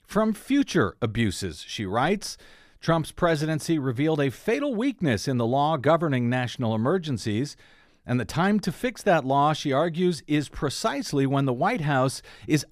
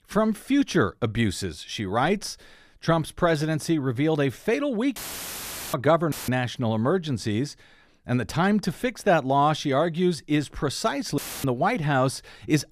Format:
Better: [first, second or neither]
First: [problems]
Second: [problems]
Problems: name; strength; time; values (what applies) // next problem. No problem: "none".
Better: first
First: none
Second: audio cutting out; filled with static; at 5 s for 1 s, at 6 s and at 11 s